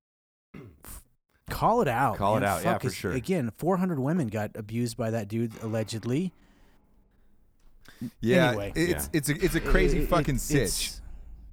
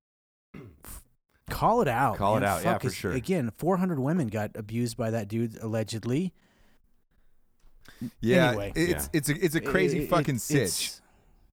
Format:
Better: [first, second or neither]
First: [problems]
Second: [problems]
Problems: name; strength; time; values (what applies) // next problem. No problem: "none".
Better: second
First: door banging; noticeable; from 9.5 s on; peak 6 dB below the speech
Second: none